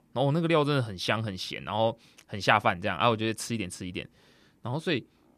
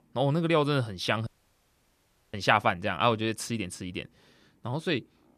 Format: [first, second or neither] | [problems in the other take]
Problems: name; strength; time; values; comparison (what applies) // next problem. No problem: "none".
first | audio cutting out; at 1.5 s for 1 s